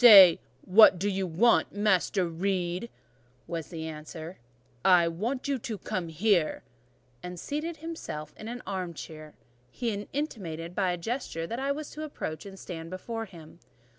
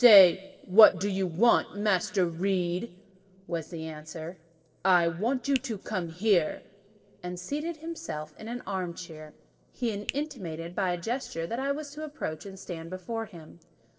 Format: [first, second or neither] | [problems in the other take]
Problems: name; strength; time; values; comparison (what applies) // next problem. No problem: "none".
first | noise reduction (neural separator model SepFormer DNS4)